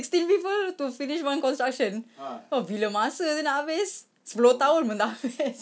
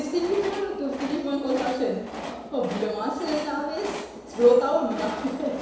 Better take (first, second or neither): first